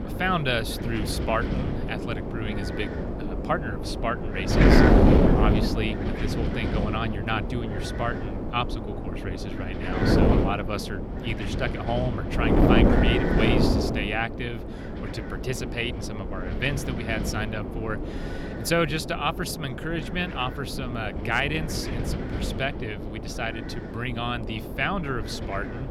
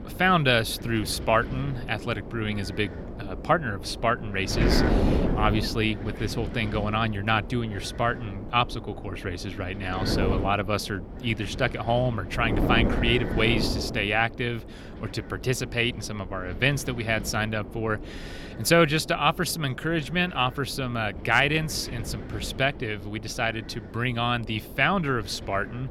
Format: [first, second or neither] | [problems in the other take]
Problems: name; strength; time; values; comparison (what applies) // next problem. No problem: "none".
second | wind noise on the microphone; heavy; 1 dB below the speech; occasional gusts in the second